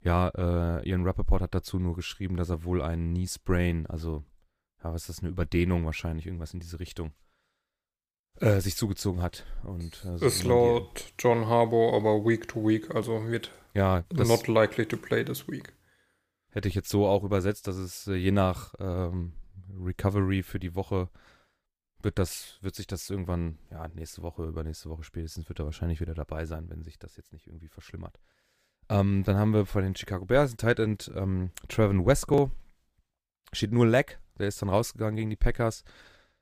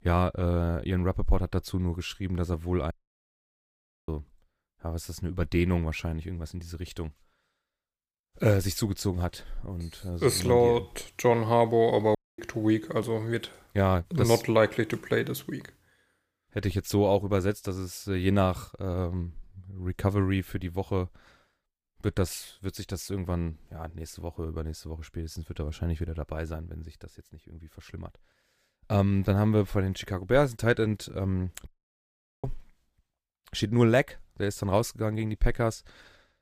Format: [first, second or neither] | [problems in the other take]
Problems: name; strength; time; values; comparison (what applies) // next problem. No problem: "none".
first | audio cutting out; at 3 s for 1 s, at 12 s and at 32 s for 1 s